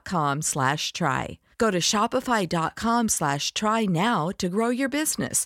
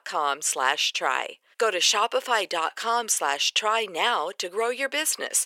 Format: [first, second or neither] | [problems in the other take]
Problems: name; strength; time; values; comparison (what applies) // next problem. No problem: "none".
first | thin; very; fading below 450 Hz